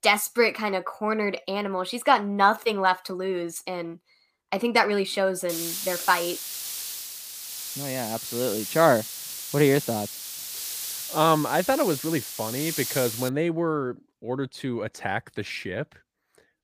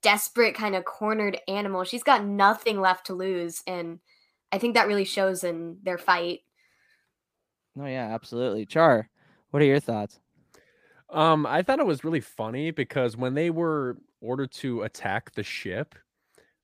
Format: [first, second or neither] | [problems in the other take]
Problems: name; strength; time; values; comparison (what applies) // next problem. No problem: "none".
second | hiss; loud; from 5.5 to 13 s; 6 dB below the speech